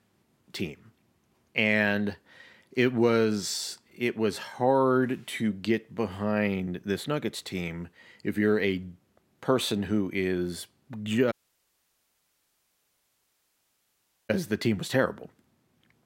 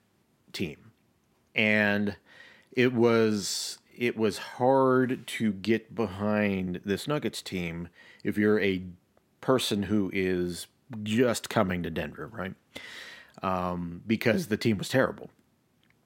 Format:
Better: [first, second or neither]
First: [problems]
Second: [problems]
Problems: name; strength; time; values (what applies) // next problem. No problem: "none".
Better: second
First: audio cutting out; at 11 s for 3 s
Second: none